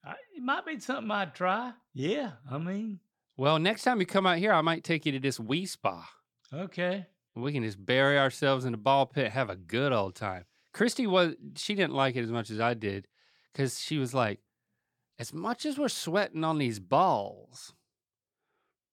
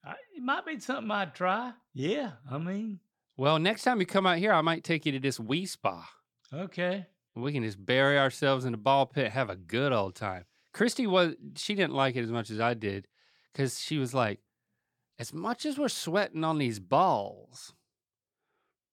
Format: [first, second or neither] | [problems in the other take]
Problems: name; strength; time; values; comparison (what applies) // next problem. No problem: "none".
neither | none